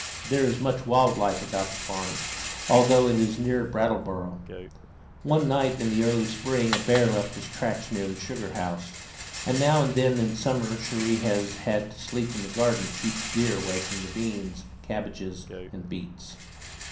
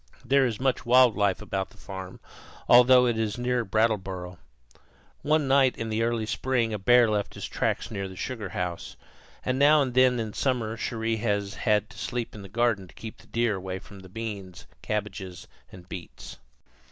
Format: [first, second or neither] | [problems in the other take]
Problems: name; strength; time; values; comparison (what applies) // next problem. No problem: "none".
second | background sound (Rattle); 11 dB below the speech // room echo; dies away in 0.6 s